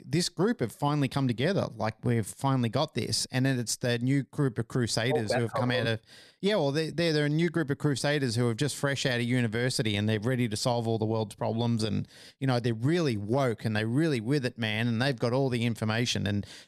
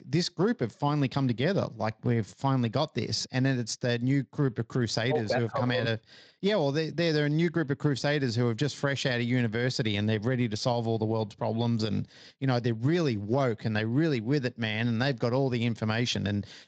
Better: first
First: none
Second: garbled, watery; slightly; nothing above 7.5 kHz

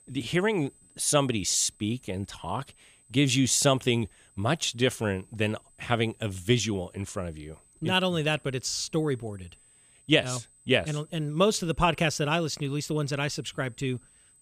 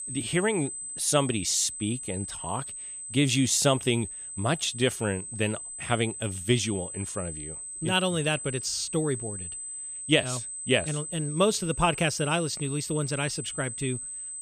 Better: first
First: high-pitched whine; faint; throughout; 8 kHz, 30 dB below the speech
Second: high-pitched whine; loud; throughout; 8 kHz, 7 dB below the speech

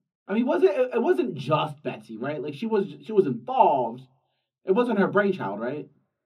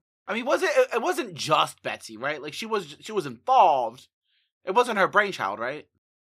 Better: second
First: room echo; slight; dies away in 0.3 s // off-mic speech; far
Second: none

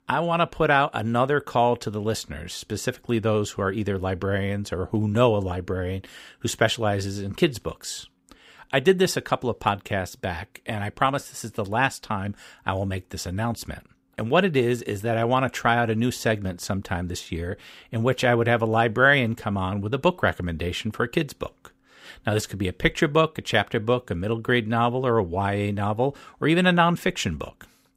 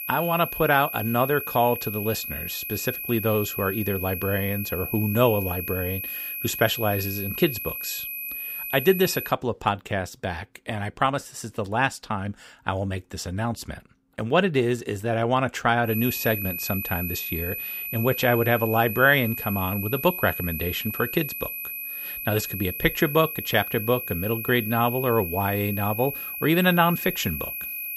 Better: first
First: none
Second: high-pitched whine; loud; until 9.5 s and from 16 s on; 11.5 kHz, 5 dB below the speech

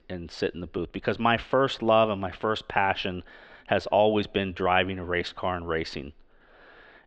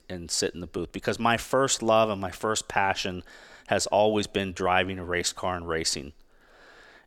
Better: second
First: muffled; slightly; fading above 3.5 kHz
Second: none

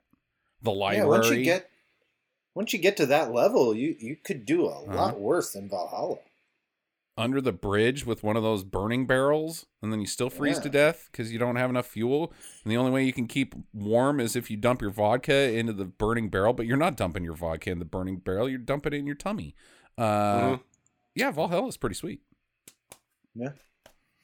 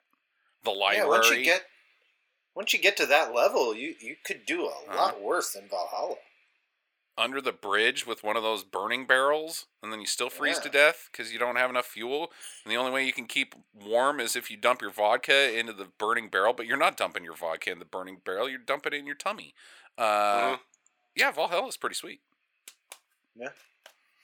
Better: first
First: none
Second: thin; very; fading below 600 Hz

